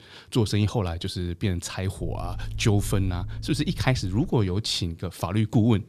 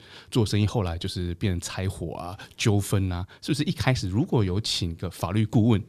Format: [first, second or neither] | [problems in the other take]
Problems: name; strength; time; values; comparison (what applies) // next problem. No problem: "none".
second | low rumble; faint; from 2 to 4.5 s; 20 dB below the speech